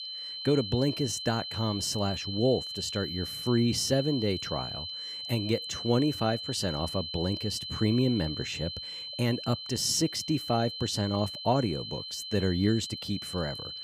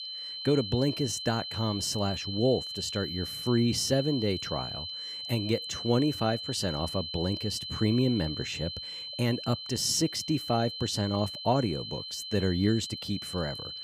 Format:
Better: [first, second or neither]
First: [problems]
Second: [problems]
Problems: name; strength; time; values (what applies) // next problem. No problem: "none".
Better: neither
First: high-pitched whine; loud; throughout; 4 kHz, 6 dB below the speech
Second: high-pitched whine; loud; throughout; 4 kHz, 6 dB below the speech